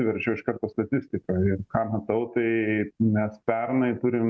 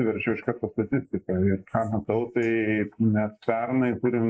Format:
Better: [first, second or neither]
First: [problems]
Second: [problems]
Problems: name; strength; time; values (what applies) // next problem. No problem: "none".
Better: first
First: none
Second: noise reduction (neural mask model Resemble Enhance denoiser)